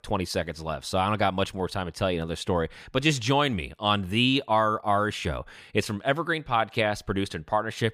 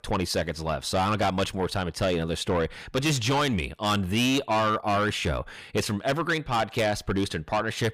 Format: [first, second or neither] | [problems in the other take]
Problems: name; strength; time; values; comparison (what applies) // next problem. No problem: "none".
first | distortion; heavy; 8 dB below the speech